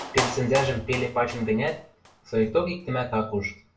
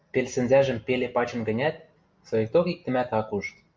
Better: second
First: background sound (Clapping); 9 dB below the speech // room echo; dies away in 0.2 s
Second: none

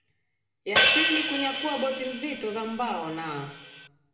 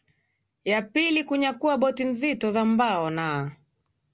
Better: second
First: background sound (Hi-hat); 3 dB above the speech // room echo; dies away in 0.9 s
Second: none

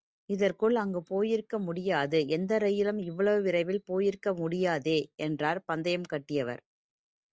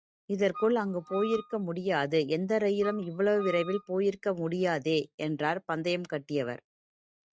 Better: first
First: none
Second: noise reduction (neural mask model RNNoise)

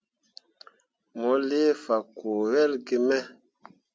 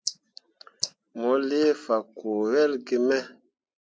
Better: first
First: none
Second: noise reduction (neural mask model Resemble Enhance denoiser)

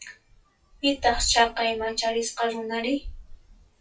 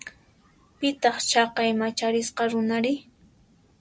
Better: second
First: noise reduction (classical method WPE with log-MMSE)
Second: none

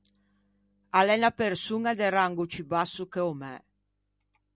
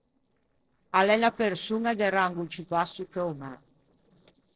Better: first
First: none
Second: noise reduction (neural separator model SepFormer DNS4)

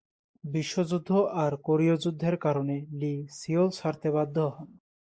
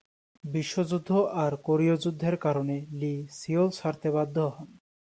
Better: second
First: noise reduction (neural mask model Resemble Enhance denoiser)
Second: none

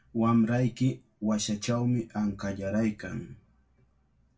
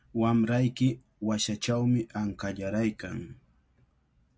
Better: second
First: room echo; dies away in 0.2 s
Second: none

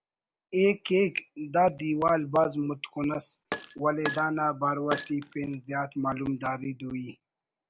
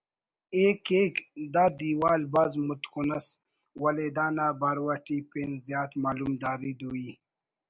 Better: second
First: background sound (Glass); 10 dB below the speech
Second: none

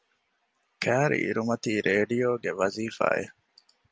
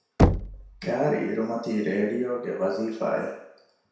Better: first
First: none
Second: background sound (Knock); as loud as the speech // room echo; dies away in 0.7 s

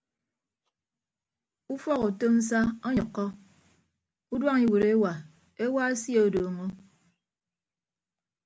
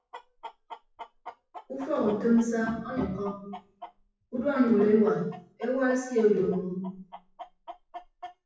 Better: first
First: none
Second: noise reduction (classical method WPE with log-MMSE)

